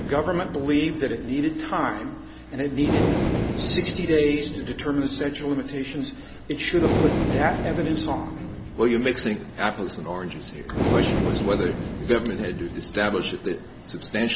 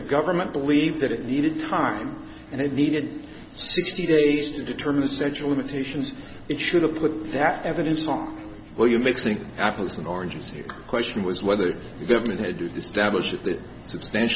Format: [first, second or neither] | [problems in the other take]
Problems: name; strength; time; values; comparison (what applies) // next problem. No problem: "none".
second | background sound (Breathing); 3 dB below the speech